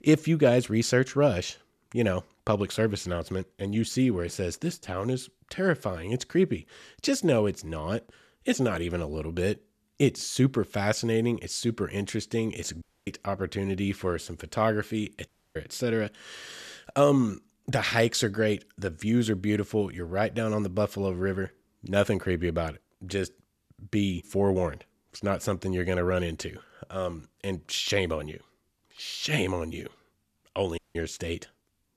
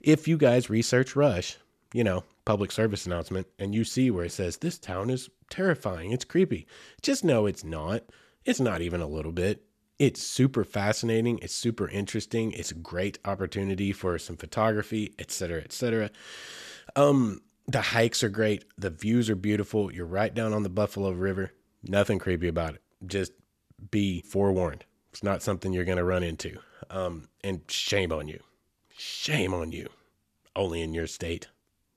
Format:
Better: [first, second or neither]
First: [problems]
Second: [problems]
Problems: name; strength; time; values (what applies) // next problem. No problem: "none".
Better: second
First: audio cutting out; at 13 s, at 15 s and at 31 s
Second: none